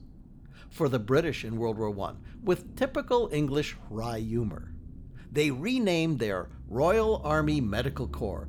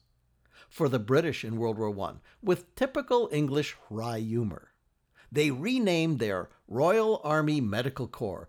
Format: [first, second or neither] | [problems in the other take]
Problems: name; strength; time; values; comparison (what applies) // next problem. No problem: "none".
second | low rumble; faint; throughout; 25 dB below the speech